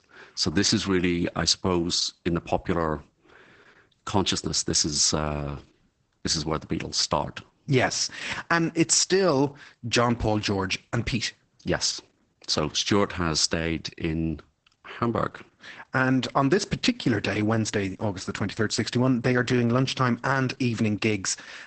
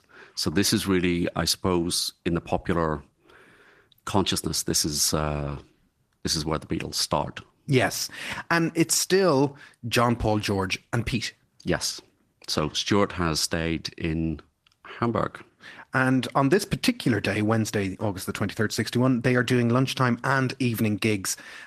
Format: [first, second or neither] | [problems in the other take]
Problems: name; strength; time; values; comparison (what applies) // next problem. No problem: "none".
second | garbled, watery; badly; nothing above 8 kHz; slightly in the second